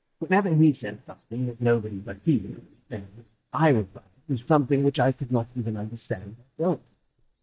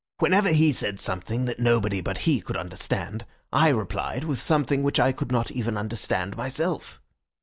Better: second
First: noise reduction (neural mask model DeepFilterNet 3)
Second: none

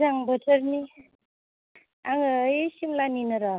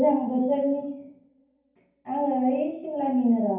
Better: first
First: none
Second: room echo; dies away in 0.9 s

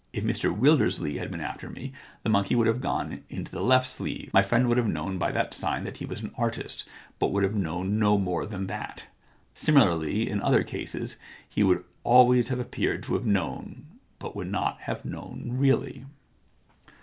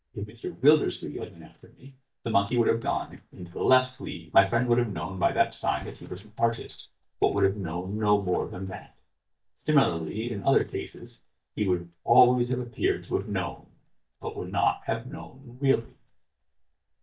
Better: first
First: none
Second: noise reduction (neural mask model DeepFilterNet 3)

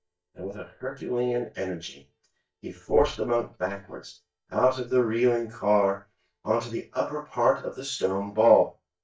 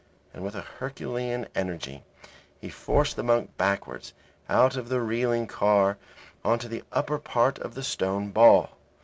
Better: second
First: noise reduction (neural mask model DeepFilterNet 3)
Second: none

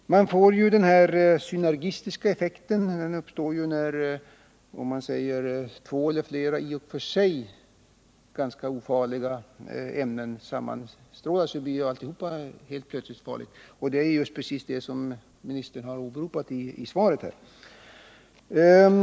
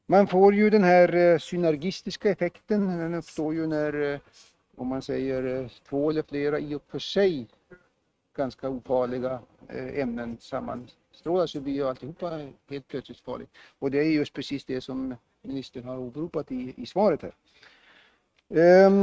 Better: first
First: none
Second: noise reduction (neural mask model RNNoise)

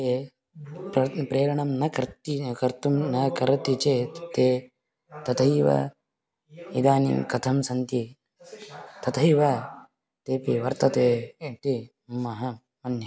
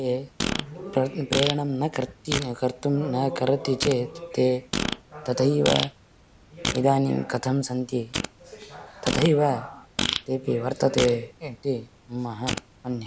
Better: first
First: none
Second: background sound (Fart); 7 dB below the speech

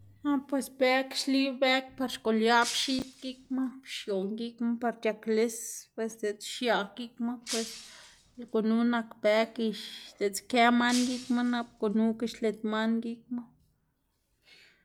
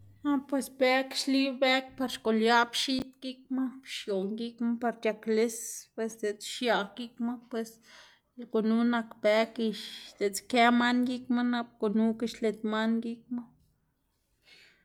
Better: second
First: background sound (Shatter); 12 dB below the speech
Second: none

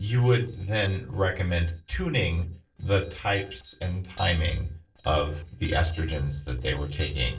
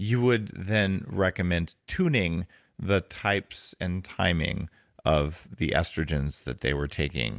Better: second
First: noise reduction (neural separator model SepFormer DNS4)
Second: none

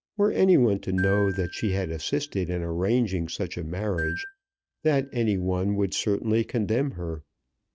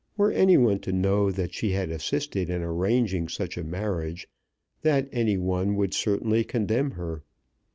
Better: second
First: noise reduction (neural mask model RNNoise)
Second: none

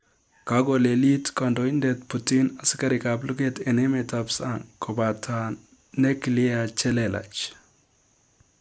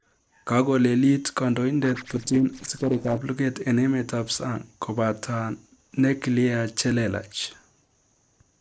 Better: first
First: none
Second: noise reduction (neural separator model SepFormer DNS4)

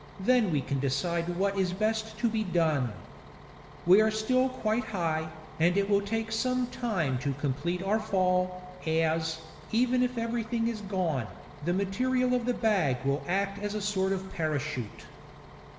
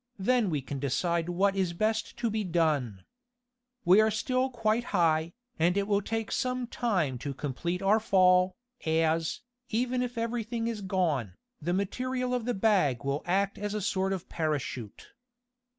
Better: second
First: background sound (Bus); 19 dB below the speech // room echo; dies away in 2.4 s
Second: none

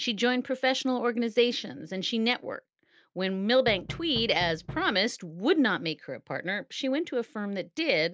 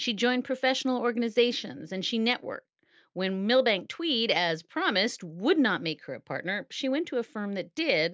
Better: second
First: background sound (Knock); 13 dB below the speech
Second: none

